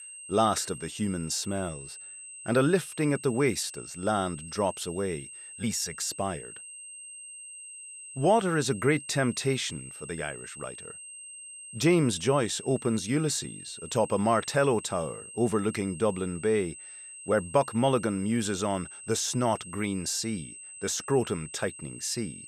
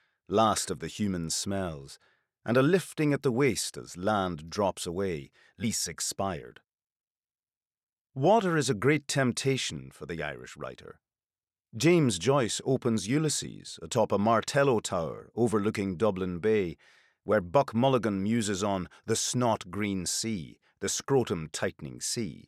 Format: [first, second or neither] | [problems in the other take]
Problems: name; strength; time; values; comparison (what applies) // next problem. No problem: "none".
second | high-pitched whine; noticeable; throughout; 8.5 kHz, 15 dB below the speech